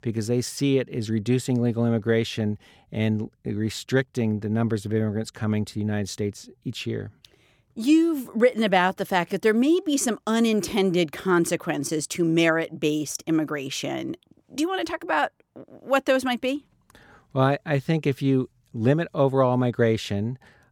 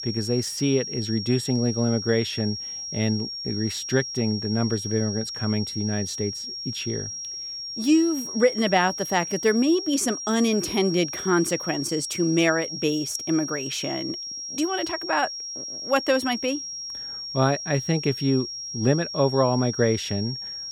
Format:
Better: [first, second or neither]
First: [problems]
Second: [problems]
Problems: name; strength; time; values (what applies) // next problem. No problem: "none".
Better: first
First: none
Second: high-pitched whine; loud; throughout; 5.5 kHz, 6 dB below the speech